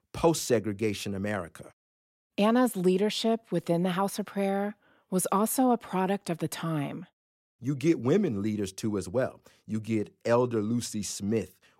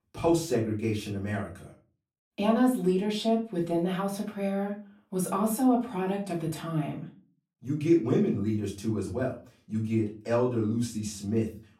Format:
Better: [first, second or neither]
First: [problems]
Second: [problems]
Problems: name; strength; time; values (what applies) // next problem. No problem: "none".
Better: first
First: none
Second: off-mic speech; far // room echo; slight; dies away in 0.3 s